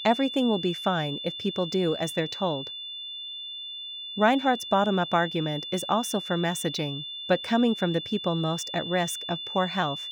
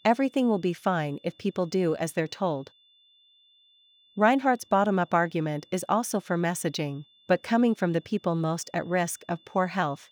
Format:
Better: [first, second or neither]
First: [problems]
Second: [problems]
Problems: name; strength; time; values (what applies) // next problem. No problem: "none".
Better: second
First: high-pitched whine; loud; throughout; 3.5 kHz, 7 dB below the speech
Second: high-pitched whine; faint; throughout; 3.5 kHz, 30 dB below the speech